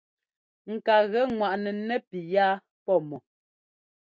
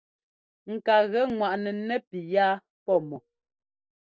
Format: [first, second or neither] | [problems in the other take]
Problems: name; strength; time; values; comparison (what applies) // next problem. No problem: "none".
first | noise reduction (neural separator model SepFormer DNS4)